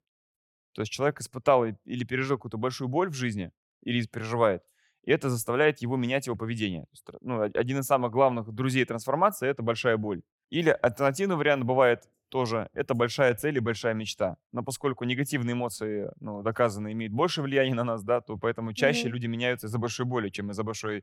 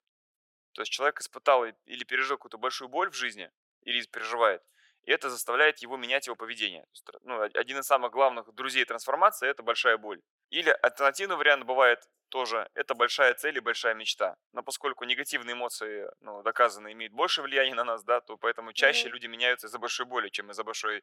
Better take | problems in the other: first | thin; very; fading below 500 Hz

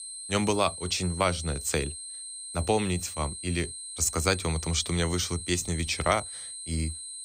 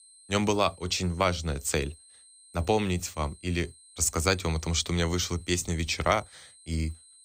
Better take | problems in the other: second | high-pitched whine; loud; throughout; 8.5 kHz, 8 dB below the speech; faint in the second

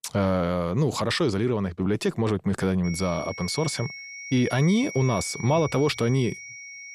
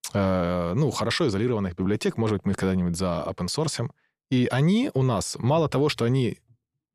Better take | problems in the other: second | high-pitched whine; noticeable; from 3 s on; 2 kHz, 10 dB below the speech

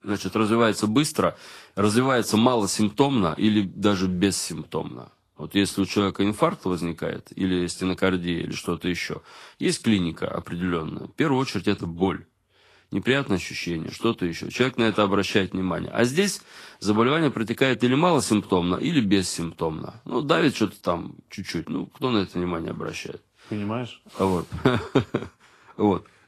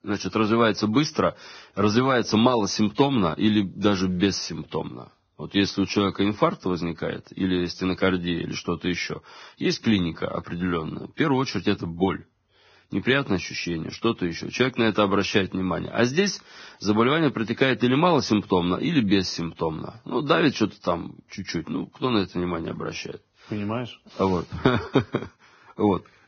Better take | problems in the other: first | garbled, watery; badly; nothing above 6 kHz; slightly in the first

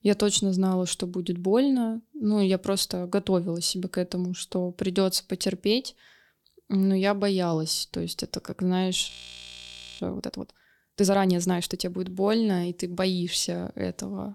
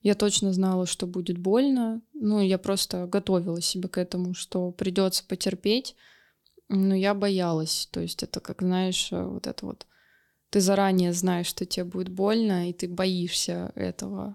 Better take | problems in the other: second | audio freezing; at 9 s for 1 s

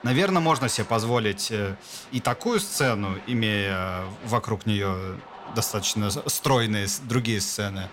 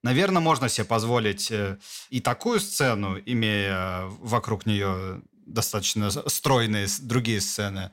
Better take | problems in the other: second | crowd noise; noticeable; throughout; 20 dB below the speech

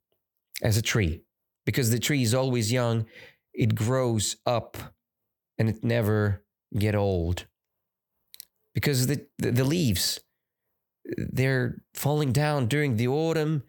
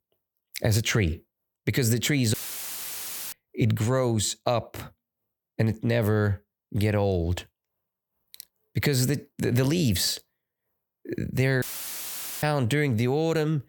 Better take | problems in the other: first | audio cutting out; filled with static; at 2.5 s for 1 s and at 12 s for 1 s

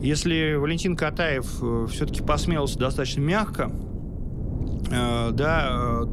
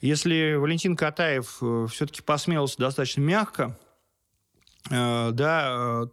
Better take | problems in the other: second | wind noise on the microphone; occasional gusts; 15 dB below the speech

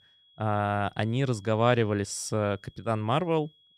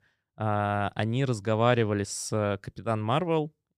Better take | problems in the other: second | high-pitched whine; faint; throughout; 3.5 kHz, 30 dB below the speech

